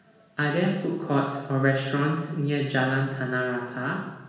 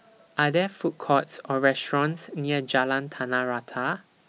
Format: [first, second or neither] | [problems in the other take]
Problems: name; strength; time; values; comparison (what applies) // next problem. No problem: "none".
second | room echo; dies away in 1.1 s